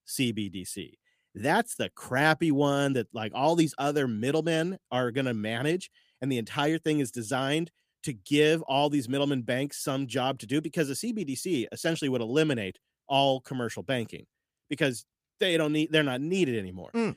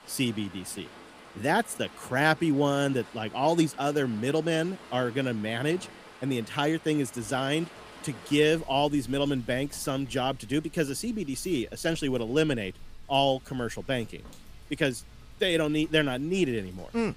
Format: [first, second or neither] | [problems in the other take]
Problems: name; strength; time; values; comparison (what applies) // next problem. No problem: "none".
first | rain or running water; faint; throughout; 20 dB below the speech